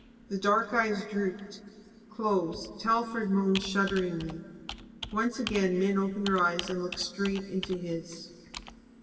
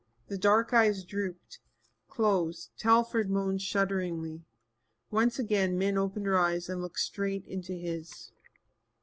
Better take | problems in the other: second | background sound (Computer keyboard); 15 dB below the speech // room echo; dies away in 2.3 s

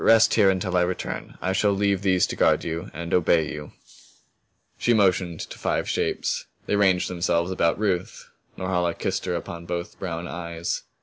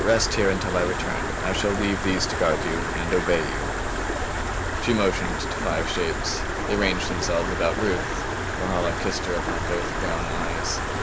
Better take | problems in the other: first | background sound (Stream); as loud as the speech

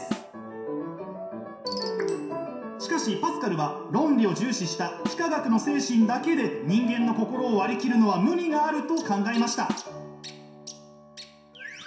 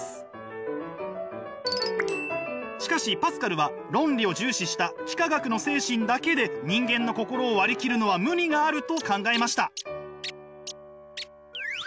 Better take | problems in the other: second | background sound (Snare drum); 15 dB below the speech // room echo; dies away in 0.7 s

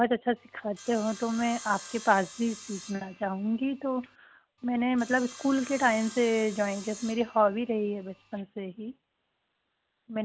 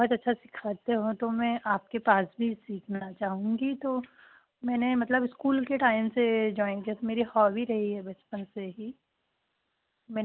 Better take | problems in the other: second | background sound (Sawing); 17 dB below the speech

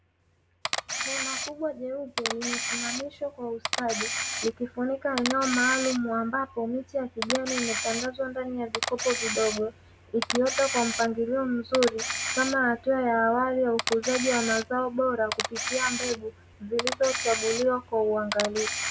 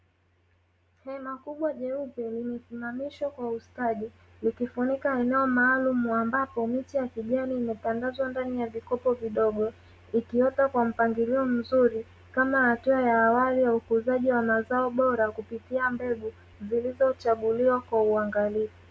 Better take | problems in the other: second | background sound (Camera); 5 dB below the speech

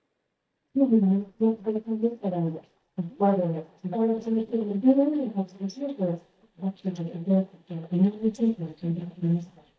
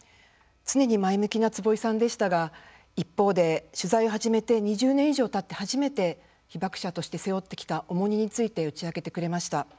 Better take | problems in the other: second | noise reduction (neural mask model DeepFilterNet 3)

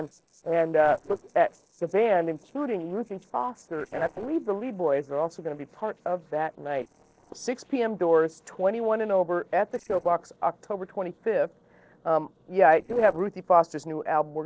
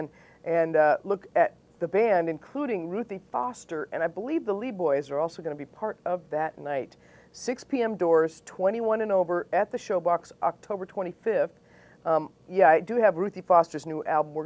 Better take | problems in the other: second | noise reduction (neural separator model SepFormer DNS4)

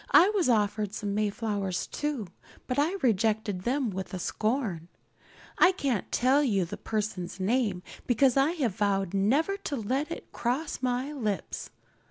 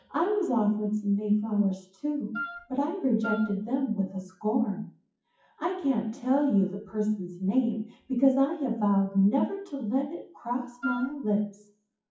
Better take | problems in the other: first | noise reduction (classical method WPE with log-MMSE)

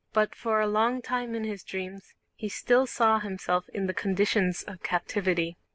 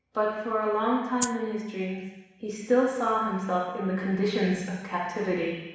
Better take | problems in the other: first | background sound (Rattle (instrument)); 6 dB below the speech // room echo; dies away in 1.1 s

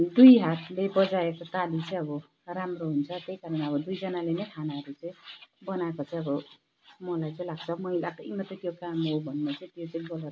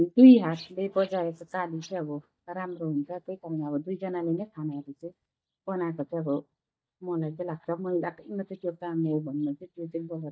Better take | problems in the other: first | noise reduction (neural mask model DeepFilterNet 3)

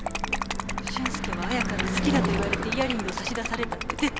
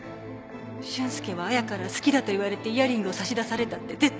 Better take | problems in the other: second | background sound (Liquid + Car passing by / Engine / Truck); 3 dB above the speech

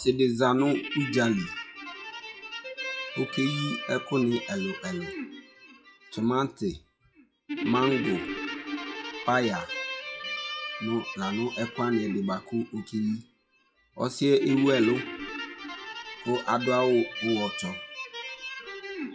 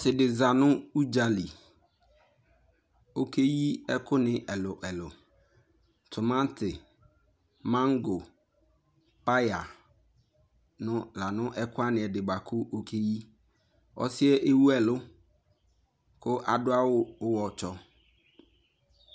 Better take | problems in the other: second | noise reduction (classical method WPE with log-MMSE)

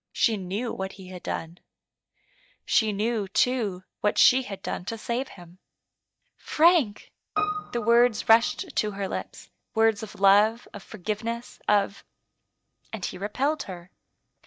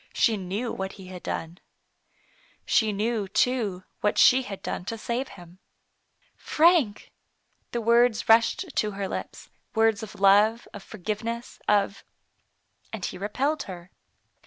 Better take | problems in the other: second | noise reduction (neural mask model DeepFilterNet 3)

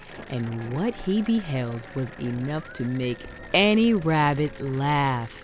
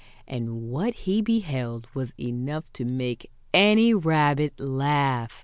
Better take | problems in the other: second | background sound (Applause / Cheering + Thunder); 17 dB below the speech

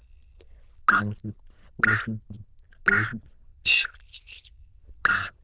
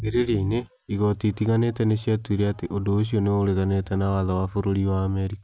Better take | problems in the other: second | noise reduction (neural diffusion model UNIVERSE++)

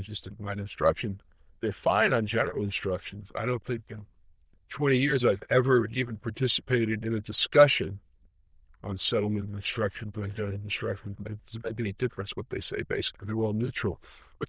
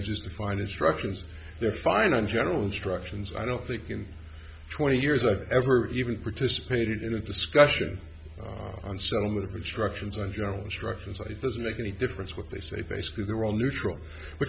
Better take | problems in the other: second | noise reduction (neural diffusion model UNIVERSE++)

